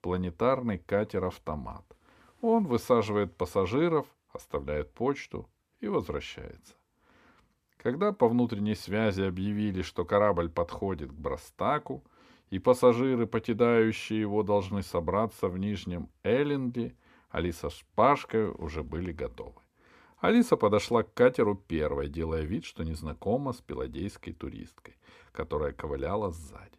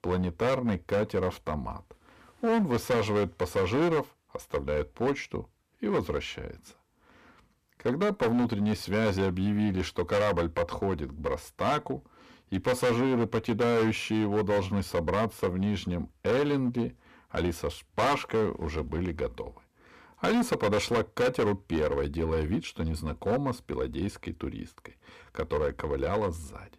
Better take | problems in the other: first | distortion; heavy; 10% of the sound clipped

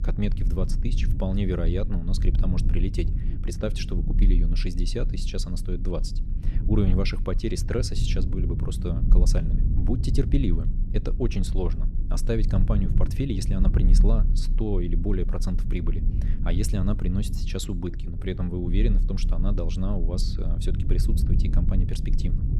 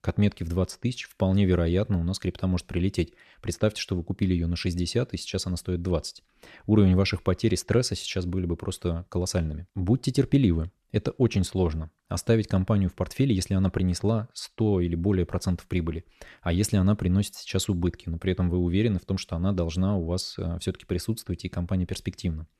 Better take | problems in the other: second | low rumble; loud; throughout; 8 dB below the speech

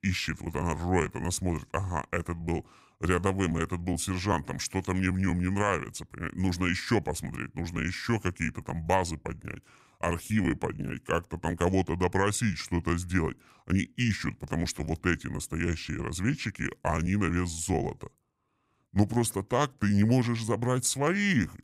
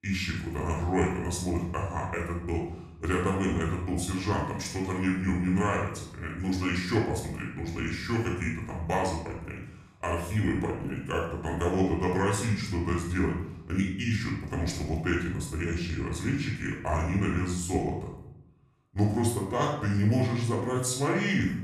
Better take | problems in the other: first | off-mic speech; far // room echo; noticeable; dies away in 0.6 s

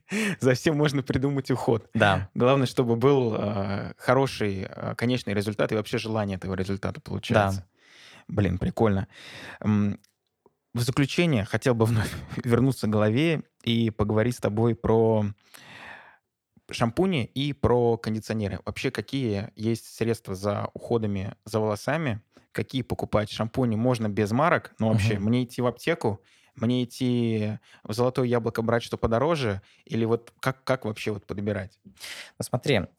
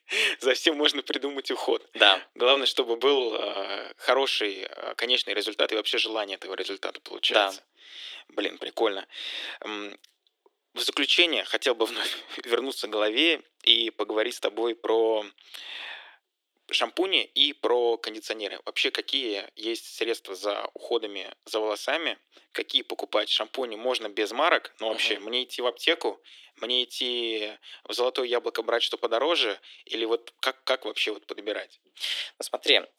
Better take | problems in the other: first | thin; very; fading below 300 Hz

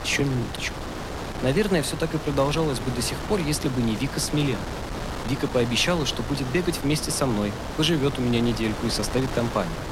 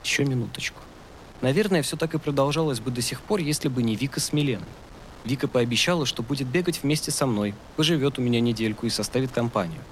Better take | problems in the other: second | wind noise on the microphone; heavy; 7 dB below the speech; occasional gusts in the second

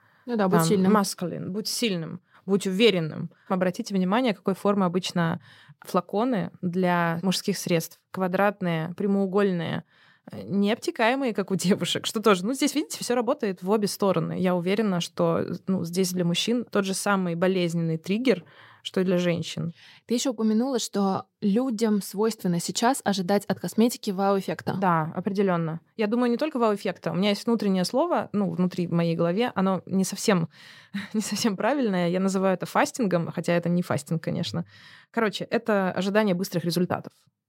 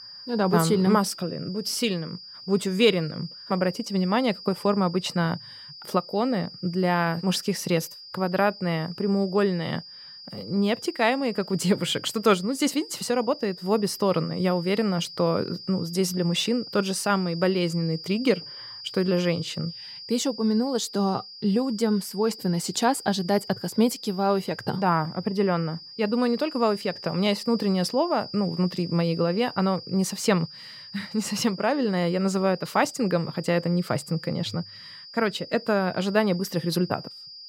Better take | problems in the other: first | high-pitched whine; noticeable; throughout; 5 kHz, 15 dB below the speech

